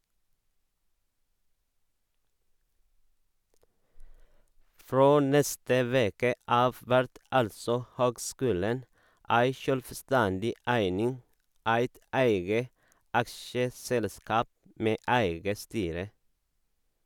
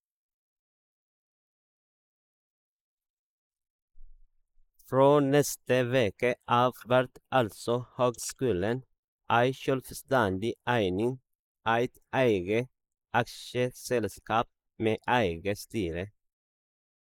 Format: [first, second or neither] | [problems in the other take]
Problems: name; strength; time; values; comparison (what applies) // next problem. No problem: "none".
first | noise reduction (neural mask model Resemble Enhance denoiser)